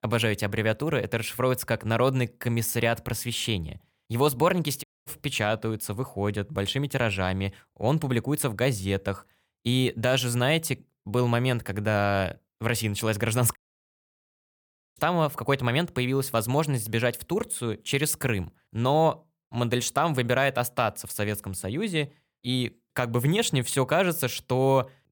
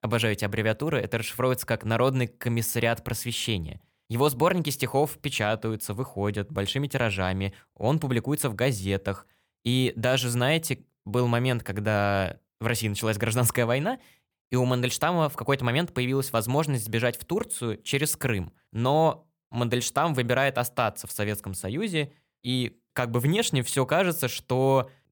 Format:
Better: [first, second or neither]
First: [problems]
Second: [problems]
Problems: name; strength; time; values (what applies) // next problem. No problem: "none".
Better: second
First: audio cutting out; at 5 s and at 14 s for 1.5 s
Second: none